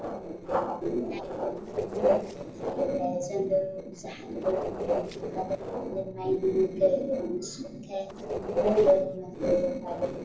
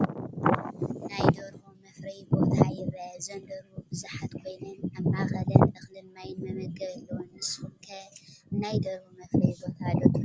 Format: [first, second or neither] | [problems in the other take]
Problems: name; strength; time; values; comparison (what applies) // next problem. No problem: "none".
second | noise reduction (neural separator model SepFormer DNS4)